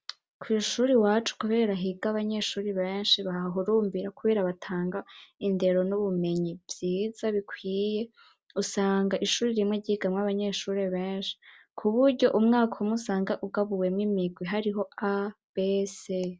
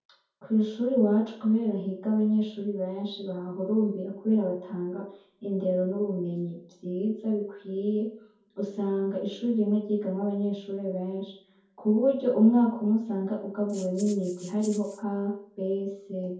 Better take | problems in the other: first | background sound (Rattle (instrument)); 20 dB below the speech // room echo; dies away in 0.6 s

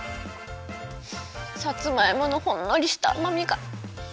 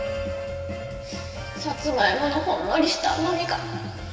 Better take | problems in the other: first | background sound (Keyboard (musical)); 12 dB below the speech // room echo; dies away in 2.5 s

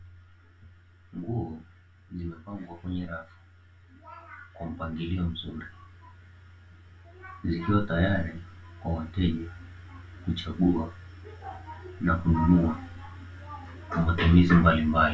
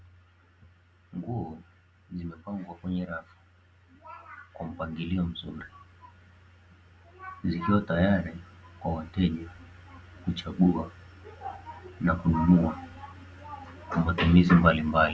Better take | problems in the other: second | room echo; dies away in 0.2 s

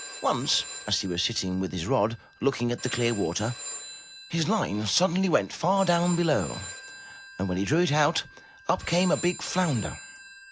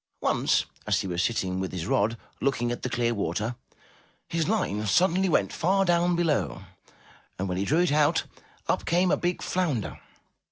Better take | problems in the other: second | background sound (Telephone); 15 dB below the speech

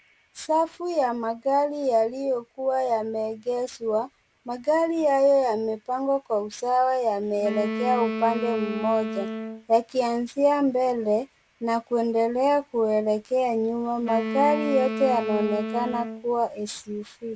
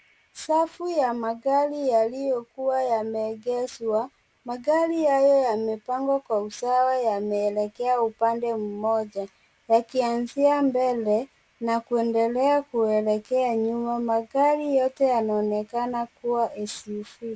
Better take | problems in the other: second | background sound (Wind instrument, woodwind instrument); 7 dB below the speech

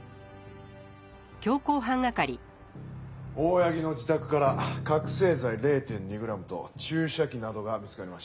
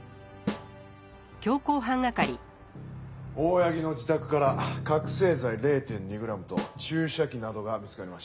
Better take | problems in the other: first | background sound (Snare drum); 11 dB below the speech

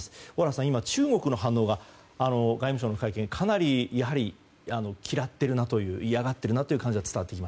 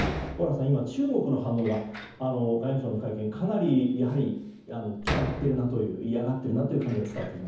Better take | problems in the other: first | background sound (Door); 10 dB below the speech // room echo; dies away in 0.7 s

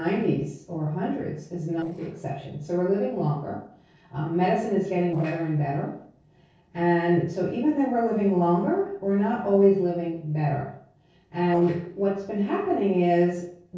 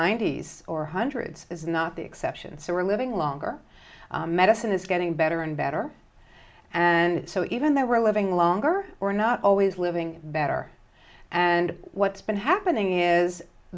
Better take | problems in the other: second | noise reduction (neural separator model SepFormer DNS4)

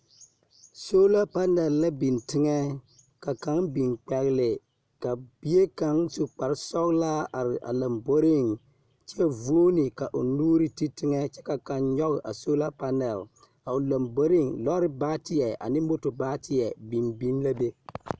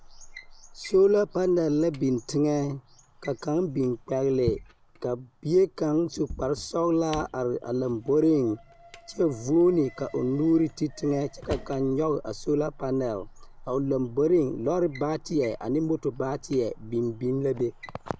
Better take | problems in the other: first | background sound (Drawer open or close + Alarm); 18 dB below the speech

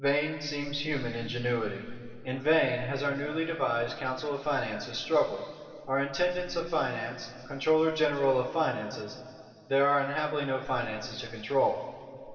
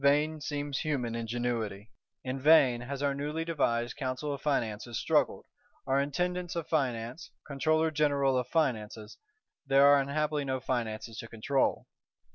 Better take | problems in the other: second | room echo; dies away in 2.5 s

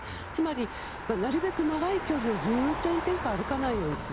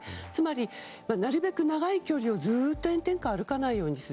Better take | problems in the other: second | background sound (Motor vehicle (road)); 6 dB below the speech

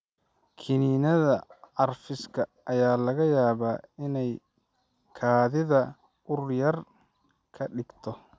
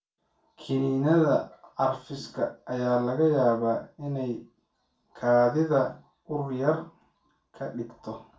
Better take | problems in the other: first | room echo; dies away in 0.3 s

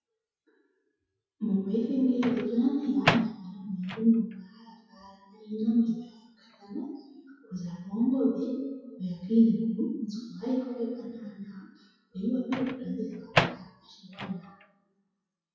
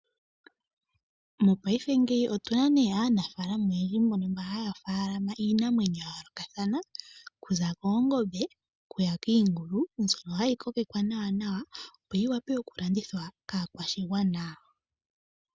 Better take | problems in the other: second | noise reduction (classical method WPE with log-MMSE)

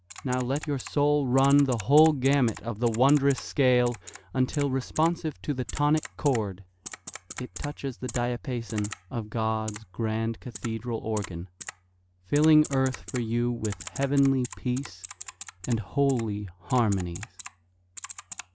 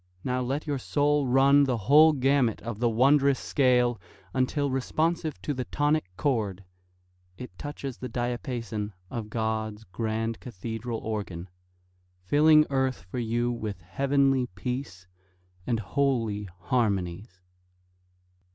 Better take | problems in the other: second | background sound (Typing); 16 dB below the speech

